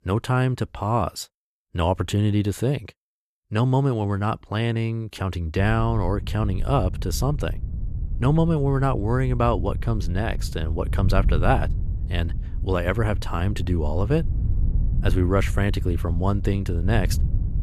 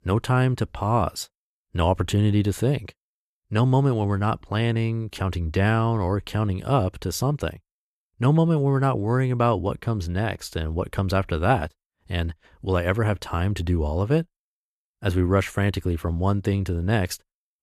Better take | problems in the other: second | wind noise on the microphone; occasional gusts; from 5.5 s on; 15 dB below the speech

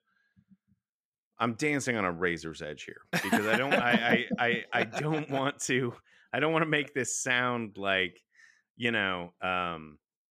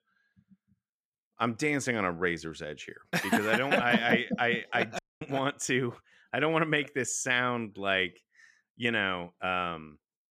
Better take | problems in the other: first | audio cutting out; at 5 s

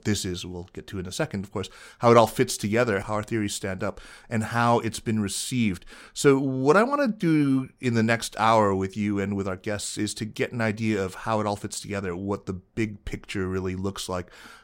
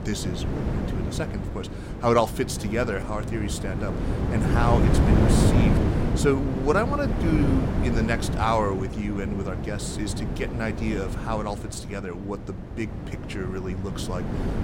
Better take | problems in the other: first | wind noise on the microphone; heavy; 4 dB below the speech

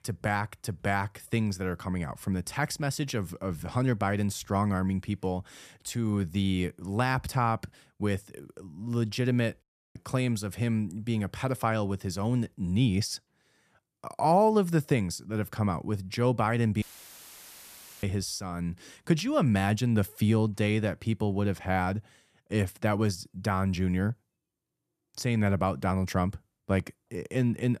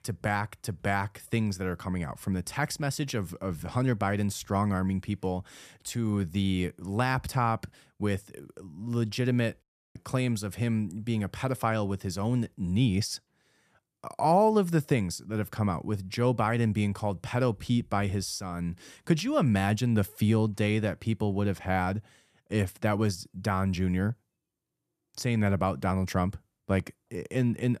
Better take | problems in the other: second | audio cutting out; filled with static; at 17 s for 1 s

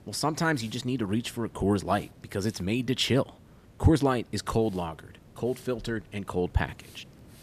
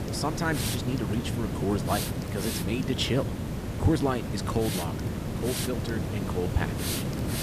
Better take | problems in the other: first | hiss; loud; throughout; 1 dB below the speech; faint in the first

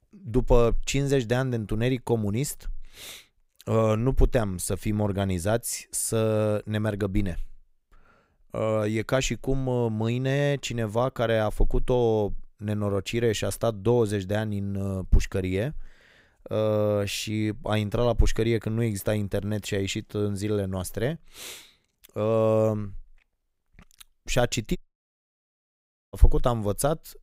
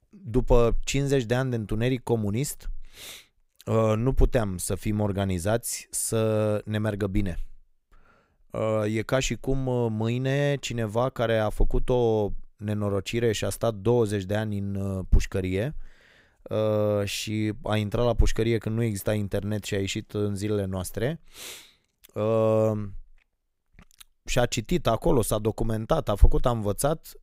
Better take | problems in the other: second | audio cutting out; at 25 s for 1.5 s

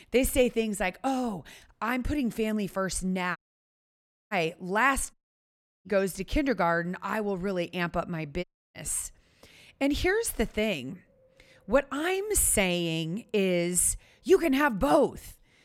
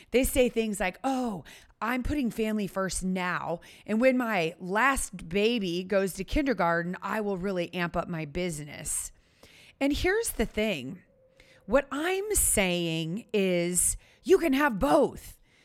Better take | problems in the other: second | audio cutting out; at 3.5 s for 1 s, at 5 s for 0.5 s and at 8.5 s

